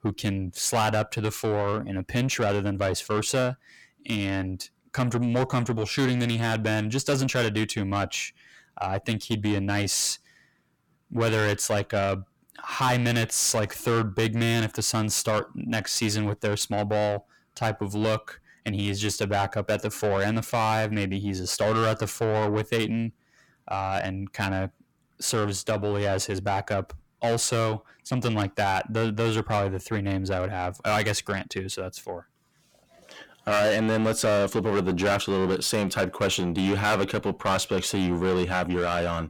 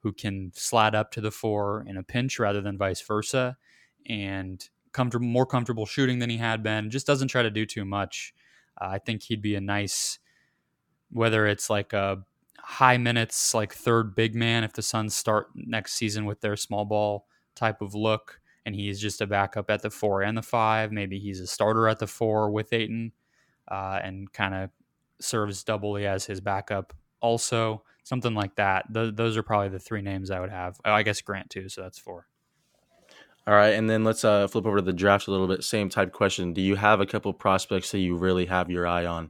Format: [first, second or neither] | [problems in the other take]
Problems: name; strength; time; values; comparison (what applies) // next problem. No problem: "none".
second | distortion; heavy; 6 dB below the speech